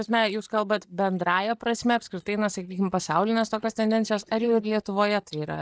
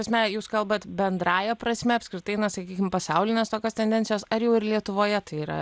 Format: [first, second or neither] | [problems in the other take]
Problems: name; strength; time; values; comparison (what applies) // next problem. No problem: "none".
second | noise reduction (neural mask model DeepFilterNet 3)